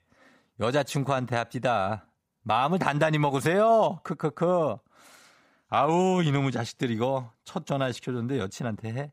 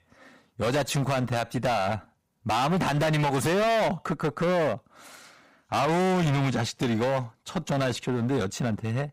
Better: first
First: none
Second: distortion; heavy; 21% of the sound clipped

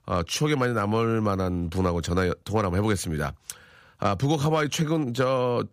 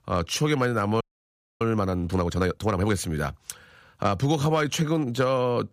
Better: first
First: none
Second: audio freezing; at 1 s for 0.5 s

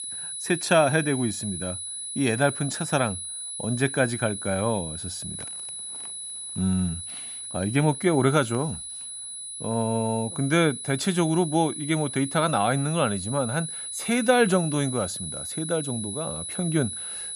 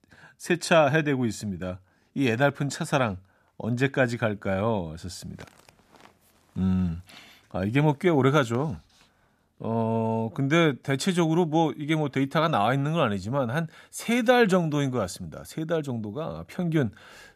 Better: second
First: high-pitched whine; loud; throughout; 10 kHz, 7 dB below the speech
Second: none

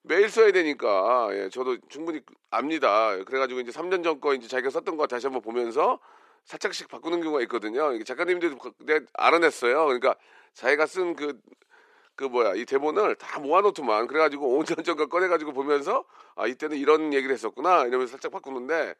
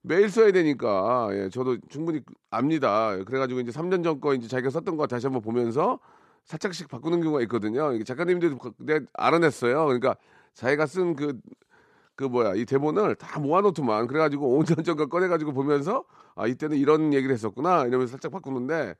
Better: second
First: thin; somewhat; fading below 400 Hz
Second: none

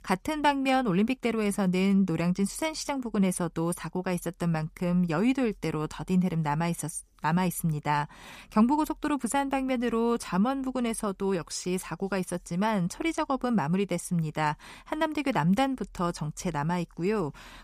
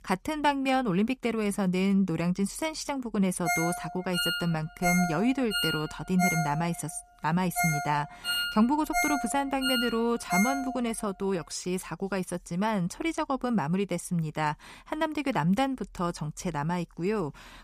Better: first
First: none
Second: phone ringing; loud; from 3.5 to 11 s; peak 1 dB above the speech

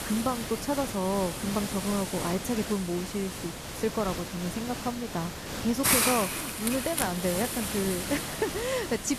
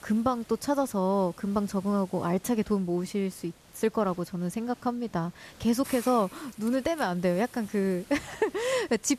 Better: second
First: hiss; loud; throughout; 1 dB below the speech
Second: hiss; faint; throughout; 20 dB below the speech

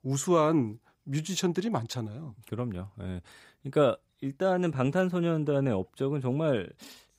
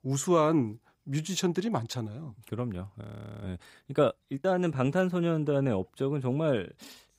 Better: first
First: none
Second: audio freezing; at 3 s

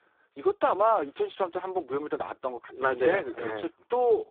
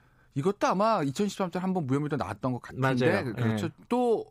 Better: second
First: phone-call audio; poor line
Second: none

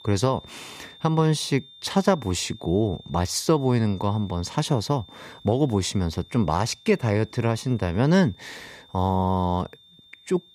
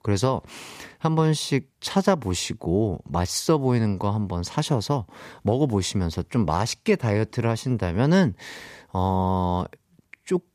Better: second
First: high-pitched whine; faint; throughout; 3.5 kHz, 25 dB below the speech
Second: none

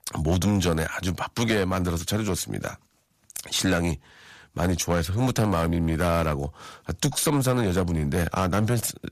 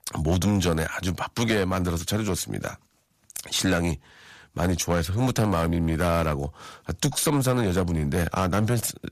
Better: neither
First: distortion; slight; 6% of the sound clipped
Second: distortion; slight; 6% of the sound clipped

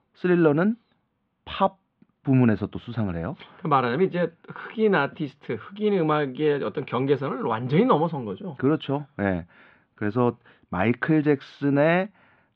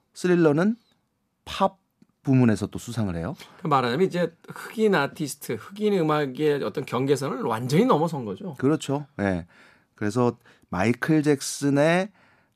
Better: second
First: muffled; very; fading above 3.5 kHz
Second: none

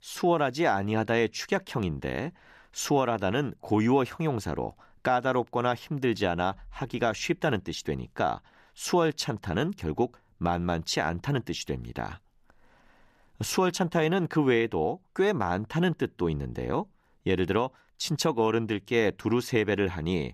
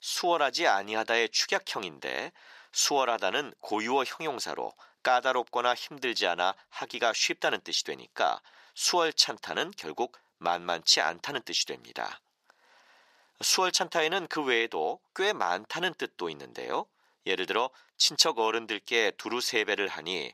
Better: first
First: none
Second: thin; very; fading below 550 Hz

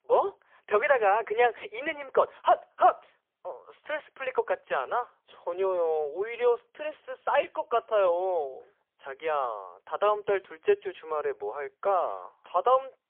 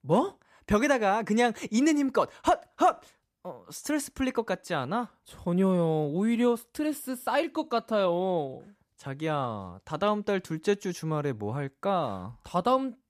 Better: second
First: phone-call audio; poor line; nothing above 3 kHz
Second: none

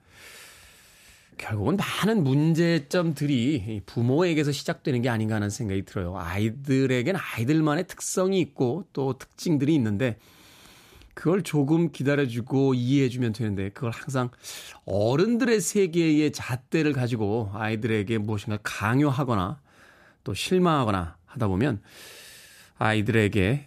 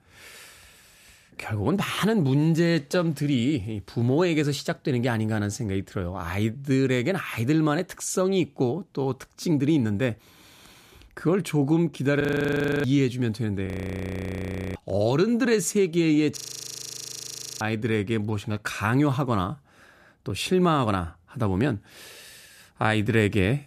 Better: first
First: none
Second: audio freezing; at 12 s for 0.5 s, at 14 s for 1 s and at 16 s for 1 s

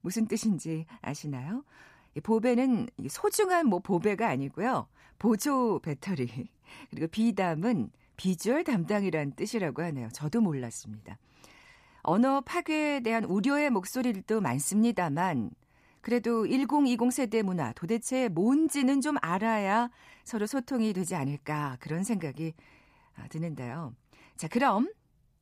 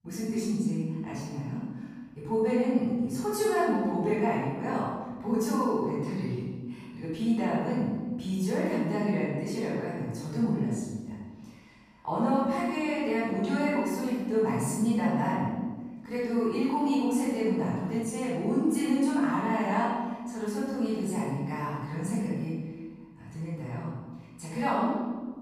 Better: first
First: none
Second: off-mic speech; far // room echo; strong; dies away in 1.2 s

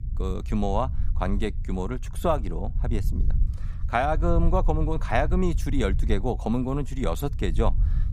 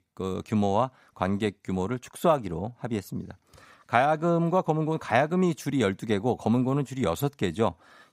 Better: second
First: low rumble; noticeable; throughout; 20 dB below the speech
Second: none

